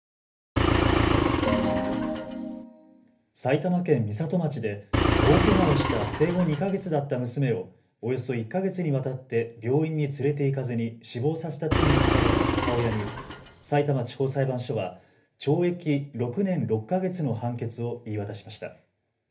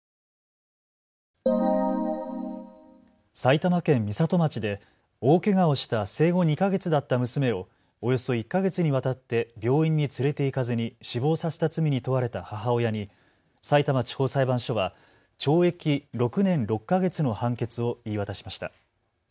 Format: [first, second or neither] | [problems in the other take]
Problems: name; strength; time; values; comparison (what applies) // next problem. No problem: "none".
second | background sound (Engine); 3 dB above the speech // room echo; dies away in 0.3 s